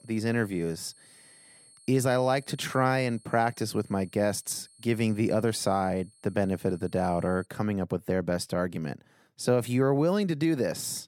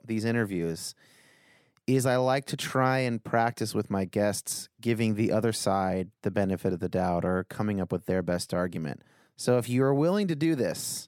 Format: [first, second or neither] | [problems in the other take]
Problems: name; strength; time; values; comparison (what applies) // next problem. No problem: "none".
second | high-pitched whine; faint; until 7.5 s; 8.5 kHz, 25 dB below the speech